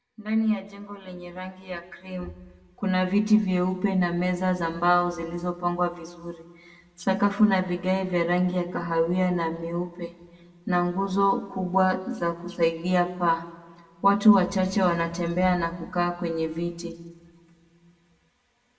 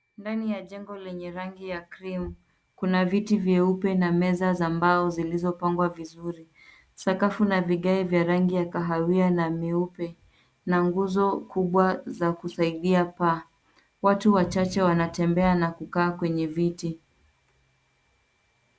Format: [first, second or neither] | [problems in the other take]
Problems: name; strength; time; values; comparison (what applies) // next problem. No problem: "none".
second | room echo; dies away in 0.9 s